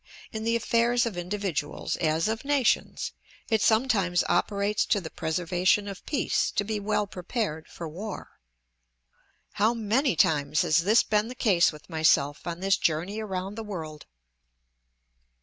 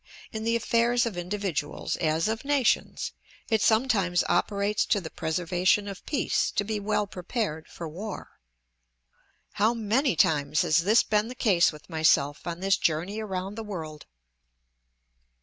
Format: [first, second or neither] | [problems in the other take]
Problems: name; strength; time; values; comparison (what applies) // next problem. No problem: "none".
second | background sound (Hi-hat); 15 dB below the speech